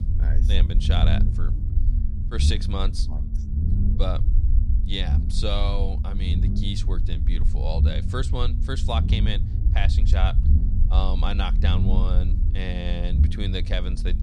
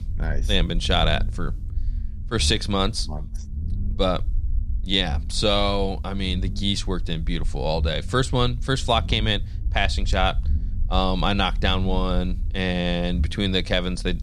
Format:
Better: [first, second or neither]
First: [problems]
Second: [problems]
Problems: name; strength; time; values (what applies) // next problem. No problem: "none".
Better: second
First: low rumble; loud; throughout; 8 dB below the speech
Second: low rumble; faint; throughout; 25 dB below the speech